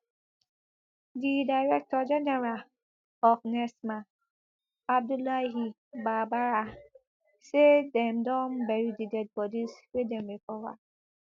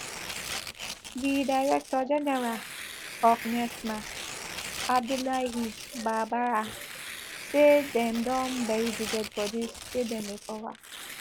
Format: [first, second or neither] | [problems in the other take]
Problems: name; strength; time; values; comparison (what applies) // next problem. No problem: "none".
first | background sound (Tearing); 10 dB below the speech